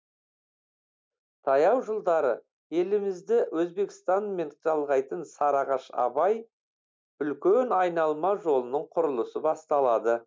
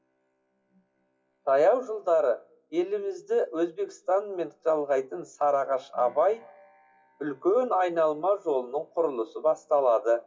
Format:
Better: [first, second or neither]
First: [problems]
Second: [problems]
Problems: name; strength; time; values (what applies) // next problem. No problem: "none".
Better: first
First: none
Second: noise reduction (classical method WPE with log-MMSE)